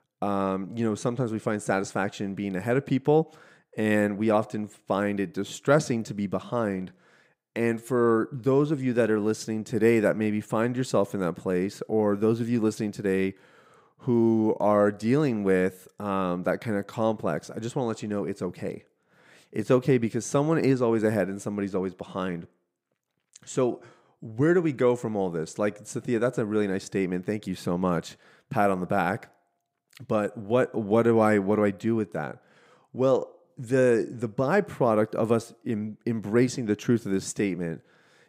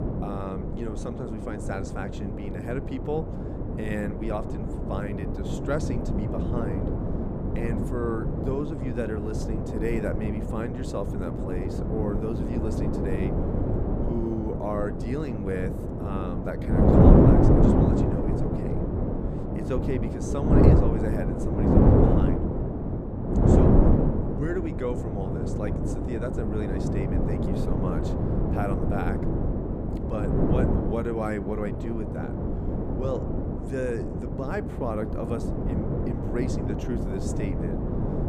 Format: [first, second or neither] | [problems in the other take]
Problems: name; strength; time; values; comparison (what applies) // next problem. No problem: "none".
first | wind noise on the microphone; heavy; 3 dB above the speech